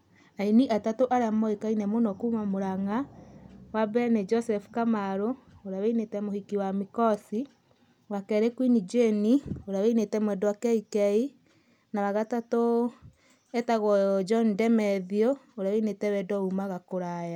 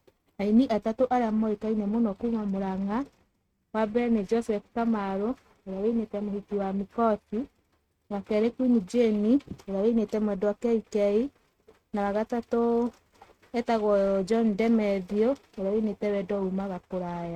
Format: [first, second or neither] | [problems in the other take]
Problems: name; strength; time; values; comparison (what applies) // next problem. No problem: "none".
first | noise reduction (neural mask model RNNoise)